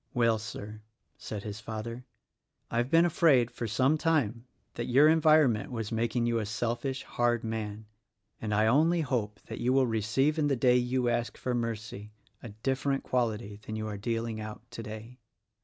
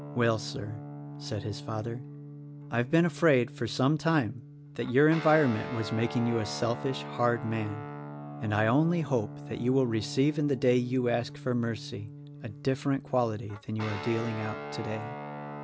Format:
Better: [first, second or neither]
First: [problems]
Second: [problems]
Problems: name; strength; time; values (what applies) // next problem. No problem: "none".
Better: first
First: none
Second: background sound (Guitar); 12 dB below the speech